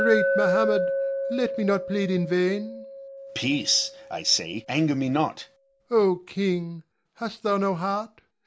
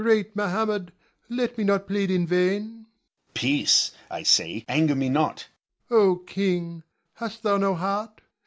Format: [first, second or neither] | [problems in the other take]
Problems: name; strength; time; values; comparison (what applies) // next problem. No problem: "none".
second | background sound (Glass); 5 dB below the speech